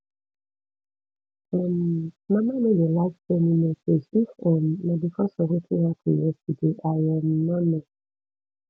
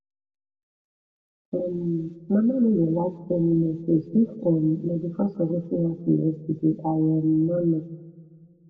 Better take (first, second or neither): first